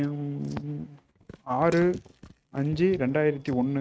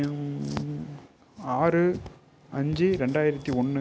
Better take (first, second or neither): second